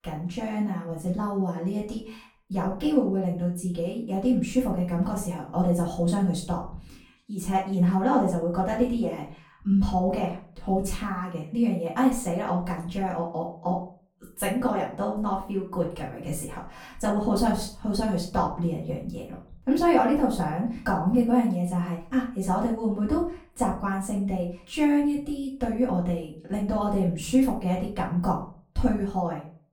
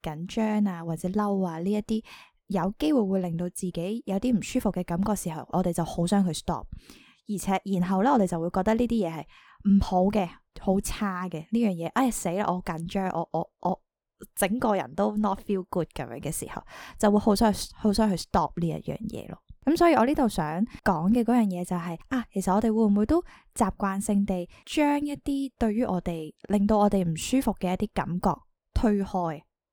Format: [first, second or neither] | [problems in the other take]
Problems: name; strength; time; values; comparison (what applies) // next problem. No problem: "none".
second | off-mic speech; far // room echo; slight; dies away in 0.4 s